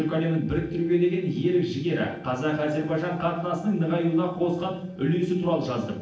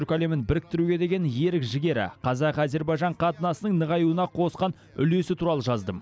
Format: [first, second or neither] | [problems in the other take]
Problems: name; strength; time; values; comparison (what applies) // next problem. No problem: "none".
second | noise reduction (neural separator model SepFormer DNS4)